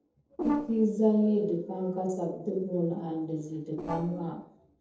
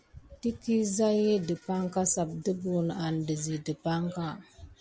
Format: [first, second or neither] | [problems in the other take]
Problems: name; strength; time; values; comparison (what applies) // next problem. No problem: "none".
second | noise reduction (neural separator model SepFormer DNS4)